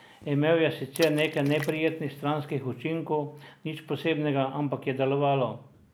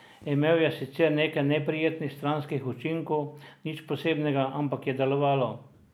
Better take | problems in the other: second | background sound (Water / Splash, splatter); 18 dB below the speech

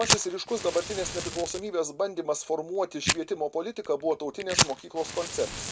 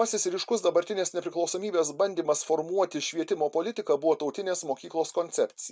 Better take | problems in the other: second | background sound (Fire); 2 dB below the speech

